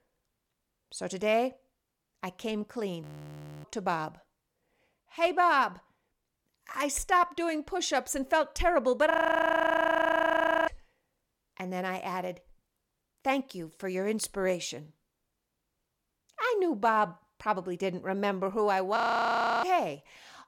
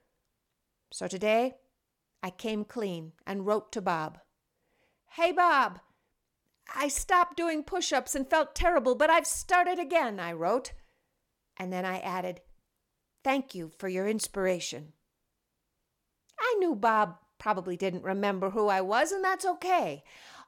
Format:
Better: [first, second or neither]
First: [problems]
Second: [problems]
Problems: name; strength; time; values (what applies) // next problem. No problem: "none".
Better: second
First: audio freezing; at 3 s for 0.5 s, at 9 s for 1.5 s and at 19 s for 0.5 s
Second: none